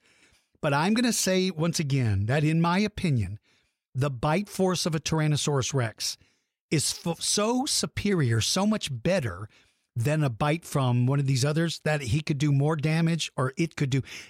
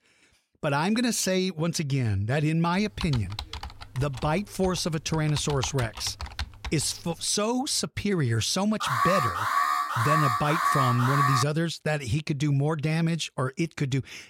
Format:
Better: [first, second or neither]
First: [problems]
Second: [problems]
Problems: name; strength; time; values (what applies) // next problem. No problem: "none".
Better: first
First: none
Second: keyboard typing; noticeable; from 3 to 7 s; peak 8 dB below the speech // alarm; loud; from 9 to 11 s; peak 3 dB above the speech